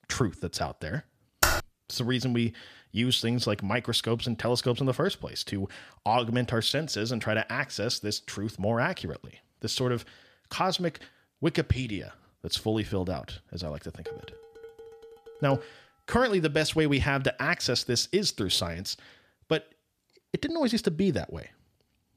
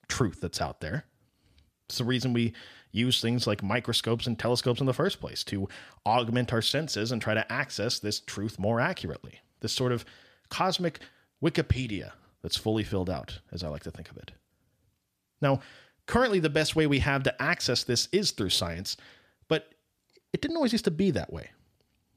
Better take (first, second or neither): second